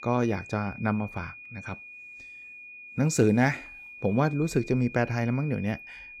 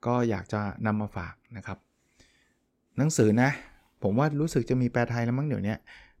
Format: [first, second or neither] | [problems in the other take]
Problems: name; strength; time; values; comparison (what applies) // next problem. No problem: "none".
second | high-pitched whine; noticeable; throughout; 2.5 kHz, 15 dB below the speech